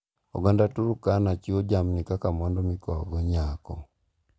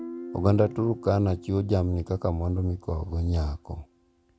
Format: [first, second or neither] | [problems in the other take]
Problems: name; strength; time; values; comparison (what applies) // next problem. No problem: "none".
first | background sound (Guitar); 17 dB below the speech